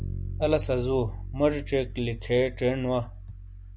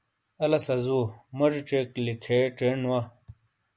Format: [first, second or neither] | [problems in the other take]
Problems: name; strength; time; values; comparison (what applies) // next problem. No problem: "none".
second | background sound (Bass guitar); 8 dB below the speech